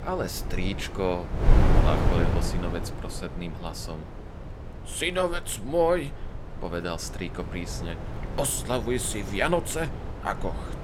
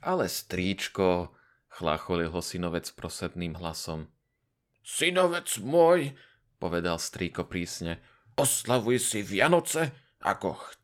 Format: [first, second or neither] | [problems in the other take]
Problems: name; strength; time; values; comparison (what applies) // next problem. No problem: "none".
second | wind noise on the microphone; heavy; 7 dB below the speech